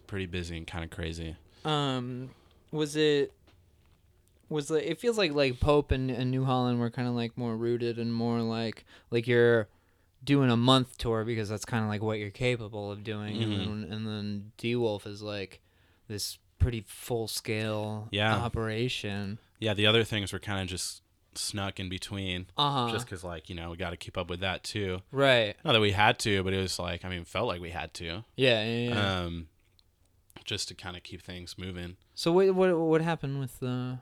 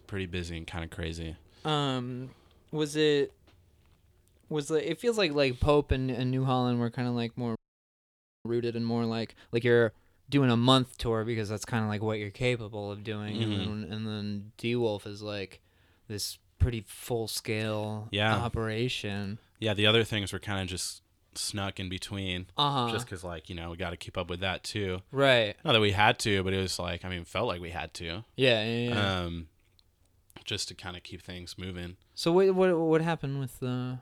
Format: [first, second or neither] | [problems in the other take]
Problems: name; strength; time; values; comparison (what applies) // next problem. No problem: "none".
first | audio freezing; at 7.5 s for 1 s